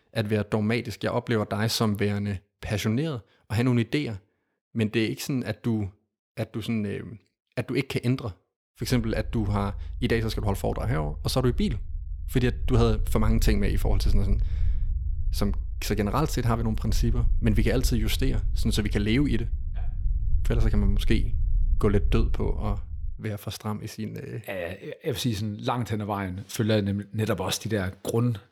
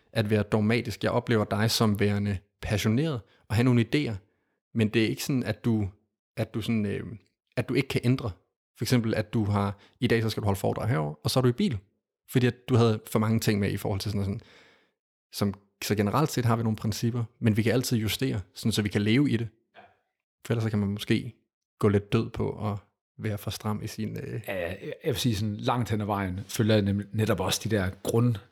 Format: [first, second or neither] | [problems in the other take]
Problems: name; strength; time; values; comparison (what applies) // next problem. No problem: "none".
second | low rumble; faint; from 9 to 23 s; 20 dB below the speech